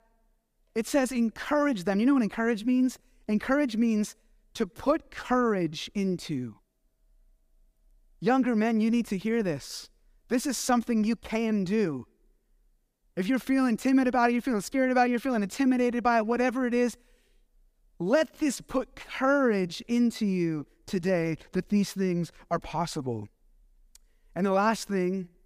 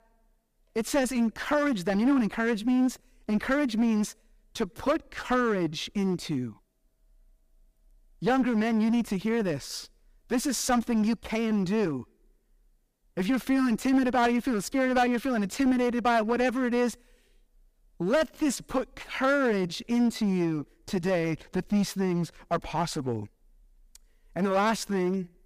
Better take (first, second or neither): first